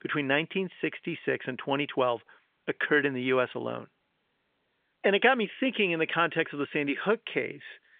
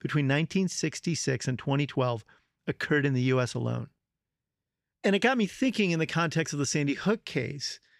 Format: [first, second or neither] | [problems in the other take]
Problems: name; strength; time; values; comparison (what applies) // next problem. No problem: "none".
second | phone-call audio; nothing above 3.5 kHz